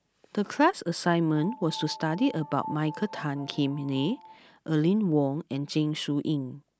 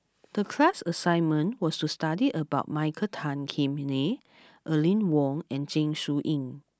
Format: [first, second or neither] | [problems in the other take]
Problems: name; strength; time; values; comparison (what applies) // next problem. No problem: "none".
second | background sound (Piano); 16 dB below the speech